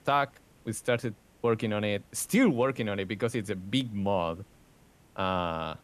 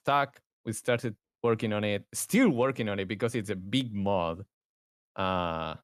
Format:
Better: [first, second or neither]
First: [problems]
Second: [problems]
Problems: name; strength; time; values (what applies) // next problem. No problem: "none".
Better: second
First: hiss; faint; throughout; 30 dB below the speech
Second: none